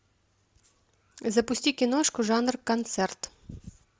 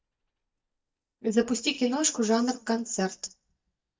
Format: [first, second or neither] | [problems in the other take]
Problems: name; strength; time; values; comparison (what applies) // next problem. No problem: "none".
first | noise reduction (neural mask model DeepFilterNet 3)